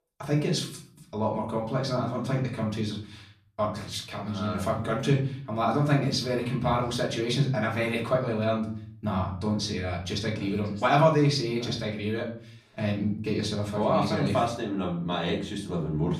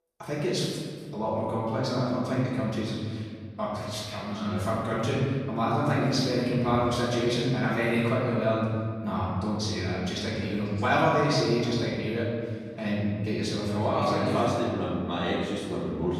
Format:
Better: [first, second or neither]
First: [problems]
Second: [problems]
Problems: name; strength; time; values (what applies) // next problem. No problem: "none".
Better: first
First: room echo; slight; dies away in 0.5 s // off-mic speech; far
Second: room echo; strong; dies away in 1.9 s // off-mic speech; far